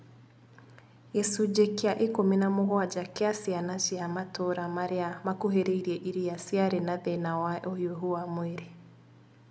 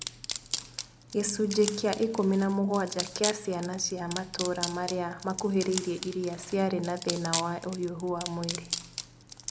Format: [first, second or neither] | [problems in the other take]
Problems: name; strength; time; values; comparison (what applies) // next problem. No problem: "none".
first | background sound (Wood); 8 dB below the speech